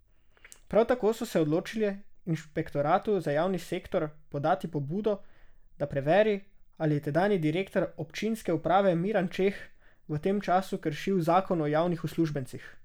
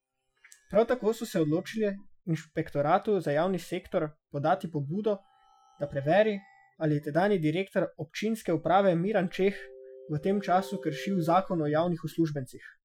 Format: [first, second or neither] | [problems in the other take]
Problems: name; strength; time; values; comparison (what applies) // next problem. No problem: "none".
first | noise reduction (classical method Wiener filter)